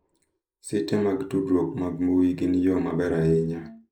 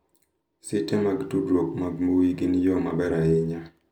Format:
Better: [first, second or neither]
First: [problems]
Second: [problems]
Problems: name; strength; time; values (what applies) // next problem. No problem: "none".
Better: second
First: noise reduction (neural mask model Resemble Enhance denoiser)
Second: none